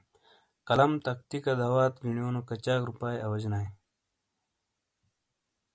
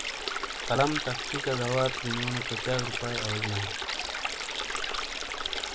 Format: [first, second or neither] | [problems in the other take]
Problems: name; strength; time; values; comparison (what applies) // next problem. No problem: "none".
first | background sound (Stream); as loud as the speech